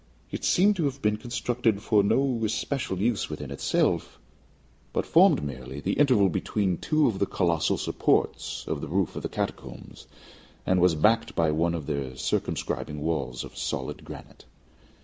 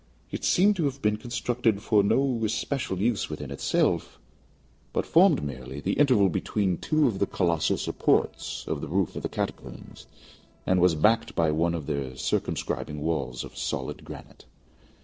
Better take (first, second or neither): first